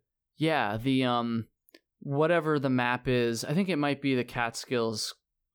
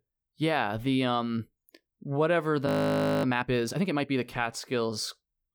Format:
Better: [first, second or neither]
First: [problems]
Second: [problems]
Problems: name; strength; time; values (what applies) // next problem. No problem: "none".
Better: first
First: none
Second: audio freezing; at 2.5 s for 0.5 s